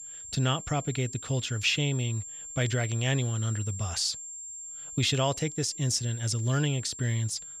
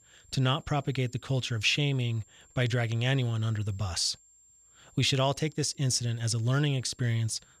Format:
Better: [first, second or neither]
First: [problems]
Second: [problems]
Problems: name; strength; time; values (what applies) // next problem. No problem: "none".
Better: second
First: high-pitched whine; loud; throughout; 7.5 kHz, 10 dB below the speech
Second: high-pitched whine; faint; throughout; 7.5 kHz, 30 dB below the speech